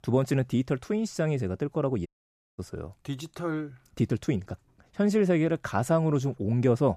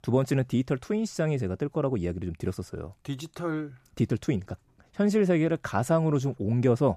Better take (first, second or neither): second